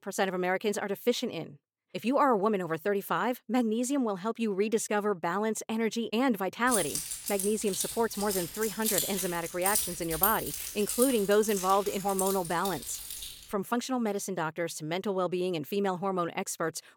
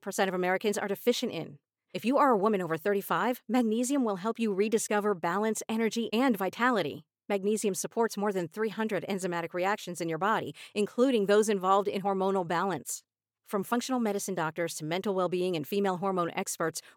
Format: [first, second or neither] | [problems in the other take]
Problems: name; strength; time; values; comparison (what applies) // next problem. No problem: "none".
second | jangling keys; loud; from 6.5 to 13 s; peak 2 dB above the speech